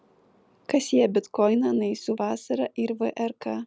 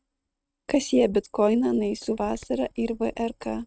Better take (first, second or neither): first